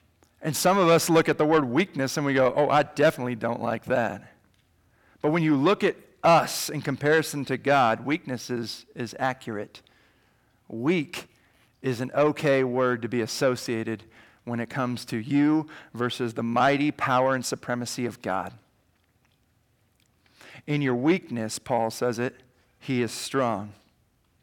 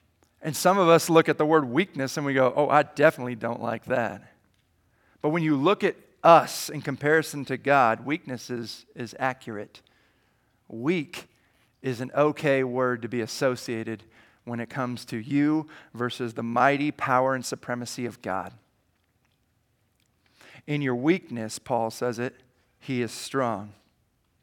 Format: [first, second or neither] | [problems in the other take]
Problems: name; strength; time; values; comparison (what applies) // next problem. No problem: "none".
second | distortion; slight; 10 dB below the speech